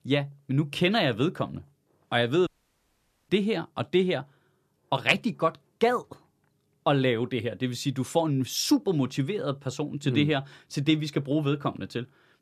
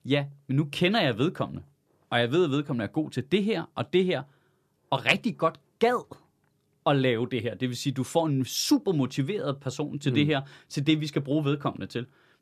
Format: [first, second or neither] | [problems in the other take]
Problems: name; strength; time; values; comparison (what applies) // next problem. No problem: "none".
second | audio cutting out; at 2.5 s for 1 s